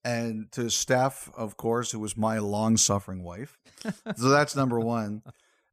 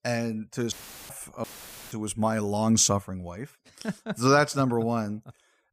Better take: first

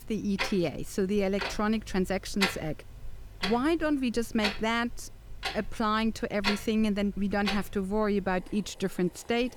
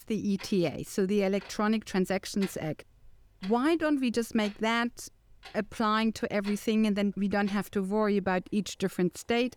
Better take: second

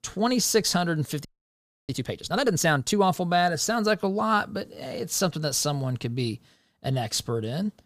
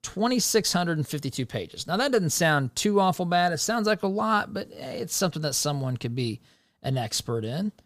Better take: second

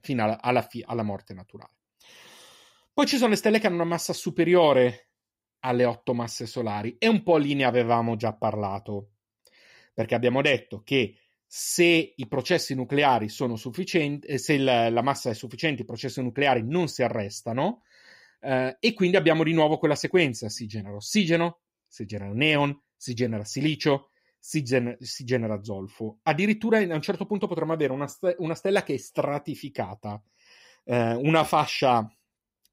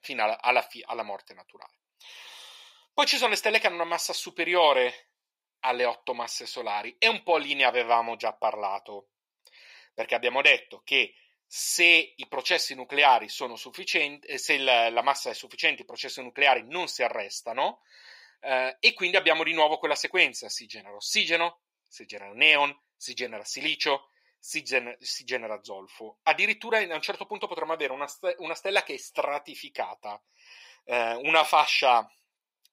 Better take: first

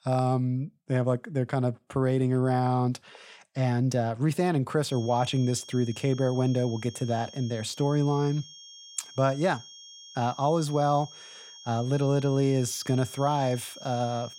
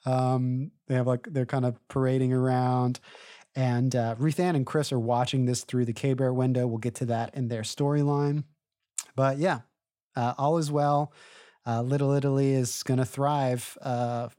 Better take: second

